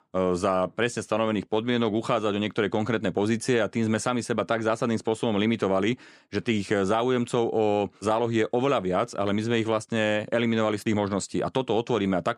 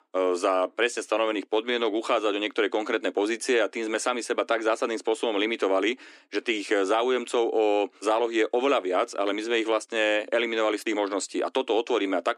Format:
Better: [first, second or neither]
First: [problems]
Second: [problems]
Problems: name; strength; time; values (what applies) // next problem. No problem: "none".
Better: first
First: none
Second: thin; somewhat; fading below 300 Hz